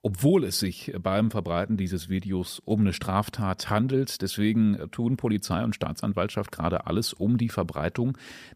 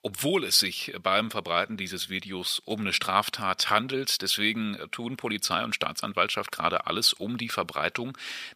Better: first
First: none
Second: thin; somewhat; fading below 1 kHz

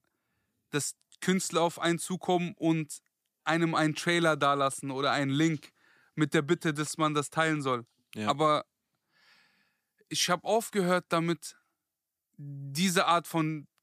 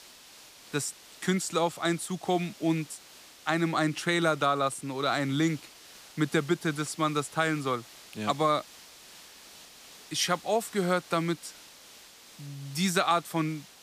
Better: first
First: none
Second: hiss; noticeable; throughout; 20 dB below the speech

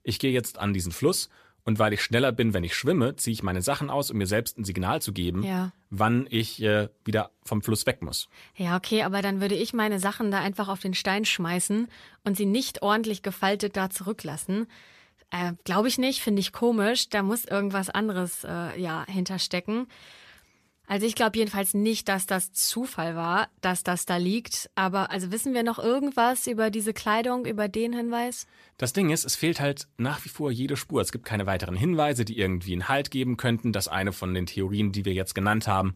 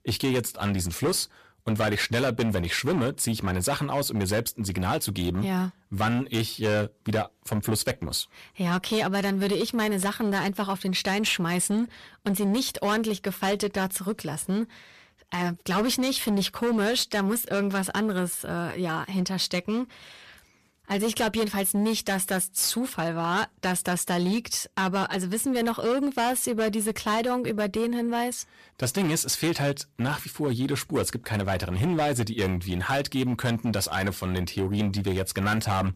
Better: first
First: none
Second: distortion; slight; 12% of the sound clipped

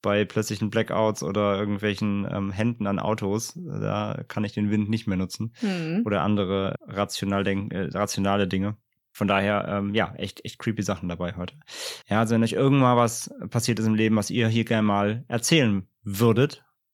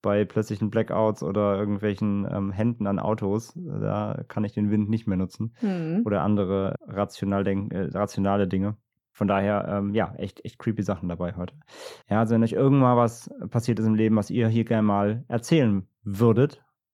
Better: first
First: none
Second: muffled; slightly; fading above 1.5 kHz

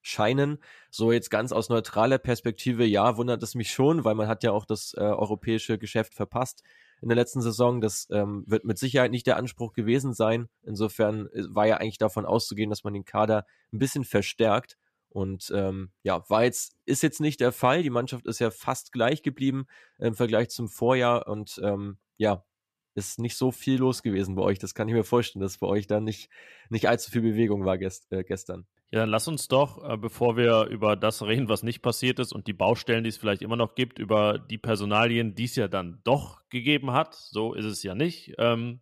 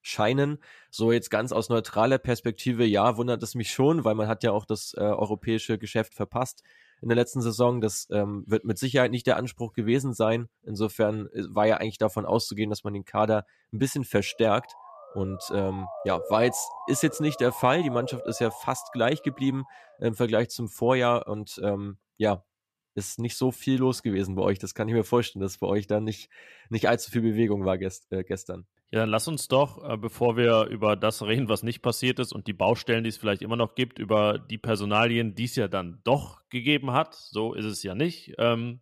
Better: first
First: none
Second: siren; noticeable; from 14 to 20 s; peak 9 dB below the speech

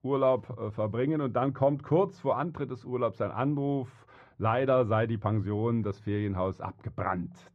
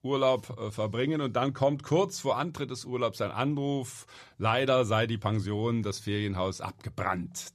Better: second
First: muffled; very; fading above 3.5 kHz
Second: none

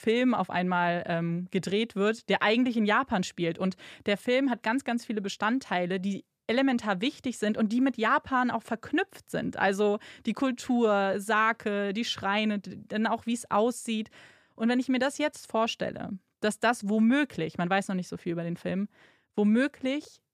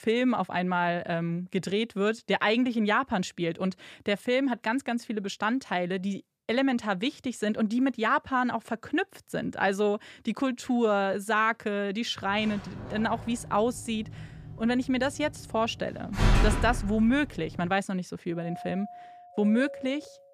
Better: first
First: none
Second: door banging; loud; at 16 s; peak 4 dB above the speech // doorbell; faint; from 18 s on; peak 10 dB below the speech

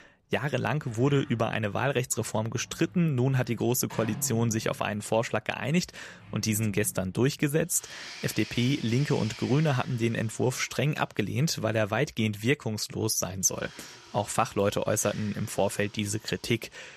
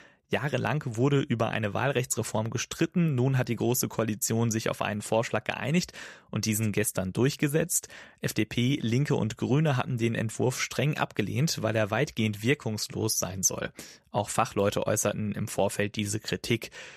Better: second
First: household noises; noticeable; throughout; 15 dB below the speech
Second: none

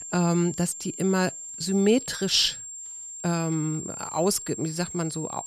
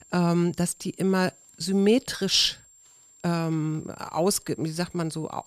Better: second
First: high-pitched whine; loud; throughout; 7.5 kHz, 10 dB below the speech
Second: high-pitched whine; faint; throughout; 7.5 kHz, 25 dB below the speech

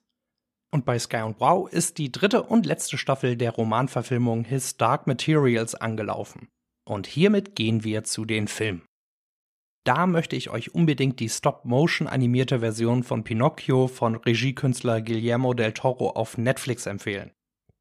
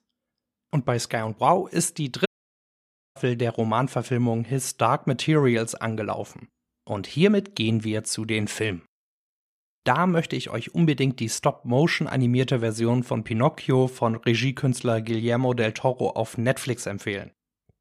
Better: first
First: none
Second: audio cutting out; at 2.5 s for 1 s

